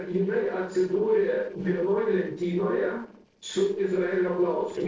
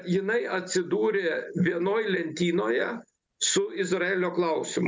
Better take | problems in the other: second | noise reduction (neural separator model SepFormer DNS4)

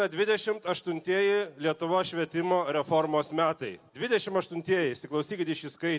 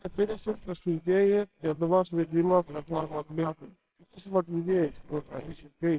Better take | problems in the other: first | noise reduction (neural separator model SepFormer WHAMR!)

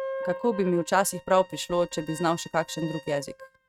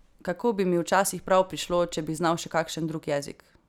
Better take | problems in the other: second | noise reduction (neural mask model RNNoise)

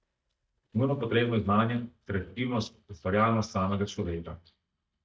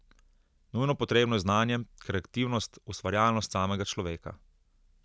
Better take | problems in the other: second | noise reduction (neural mask model DeepFilterNet 3)

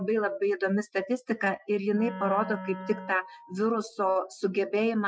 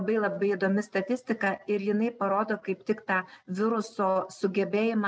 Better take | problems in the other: second | noise reduction (classical method Wiener filter)

